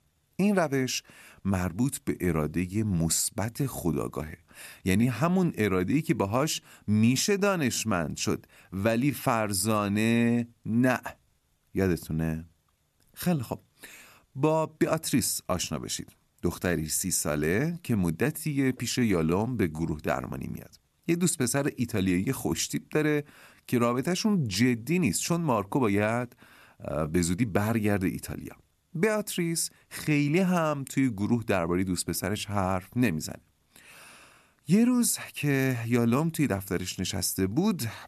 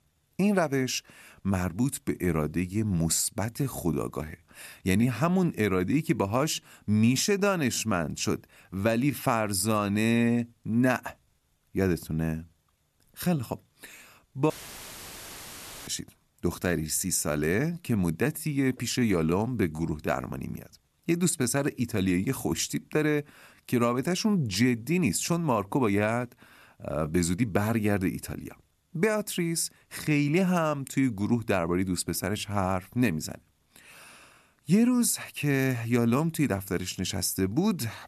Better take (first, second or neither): first